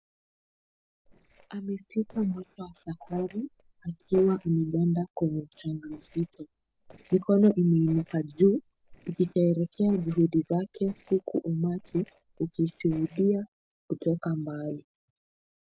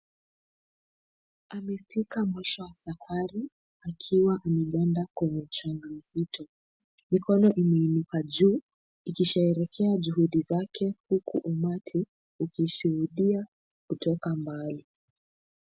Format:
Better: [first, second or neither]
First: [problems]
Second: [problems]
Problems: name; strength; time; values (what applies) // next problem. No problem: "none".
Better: second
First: noise reduction (neural separator model SepFormer DNS4)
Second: none